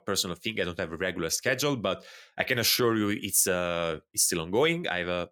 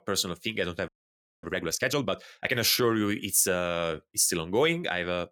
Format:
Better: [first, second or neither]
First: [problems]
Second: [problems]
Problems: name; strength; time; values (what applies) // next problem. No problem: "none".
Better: first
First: none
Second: audio freezing; at 1 s for 0.5 s